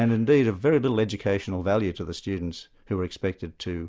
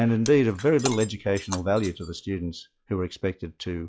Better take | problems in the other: first | noise reduction (classical method log-MMSE)

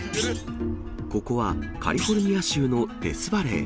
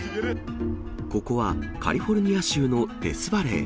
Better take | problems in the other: second | background sound (Thump, thud); 12 dB below the speech

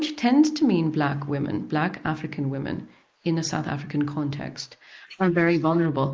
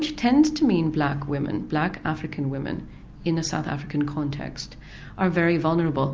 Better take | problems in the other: second | noise reduction (neural mask model Resemble Enhance denoiser)

